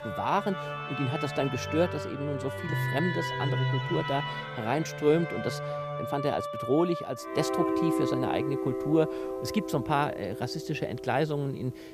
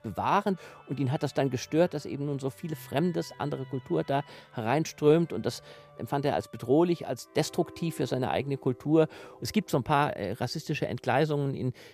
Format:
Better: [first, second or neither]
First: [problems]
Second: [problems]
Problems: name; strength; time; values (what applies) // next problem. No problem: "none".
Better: second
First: background music; loud; throughout; 3 dB below the speech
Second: background music; faint; throughout; 25 dB below the speech